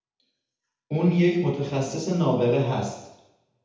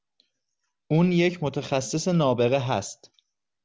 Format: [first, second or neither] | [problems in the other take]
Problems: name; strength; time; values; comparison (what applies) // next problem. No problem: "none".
second | room echo; dies away in 0.8 s